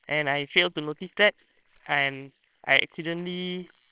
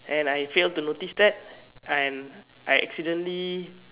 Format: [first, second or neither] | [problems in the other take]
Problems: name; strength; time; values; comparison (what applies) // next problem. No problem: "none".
second | noise reduction (neural separator model SepFormer WHAMR!)